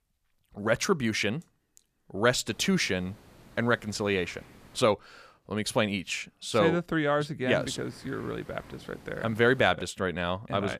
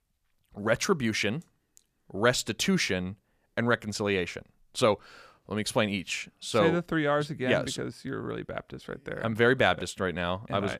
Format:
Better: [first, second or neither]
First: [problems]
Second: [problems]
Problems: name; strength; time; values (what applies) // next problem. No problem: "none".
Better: second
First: hiss; faint; from 2.5 to 5 s and from 7.5 to 9.5 s; 25 dB below the speech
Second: none